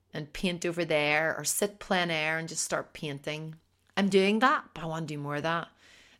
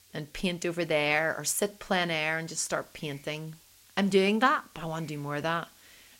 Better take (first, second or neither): first